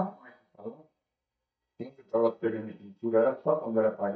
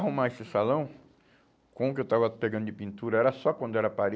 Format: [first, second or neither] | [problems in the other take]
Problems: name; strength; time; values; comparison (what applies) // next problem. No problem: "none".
second | noise reduction (neural mask model DeepFilterNet 3)